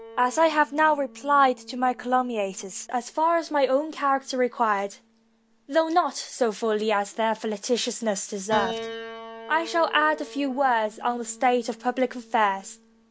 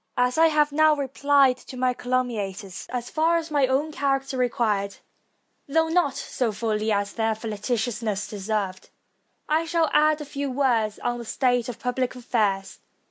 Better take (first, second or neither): second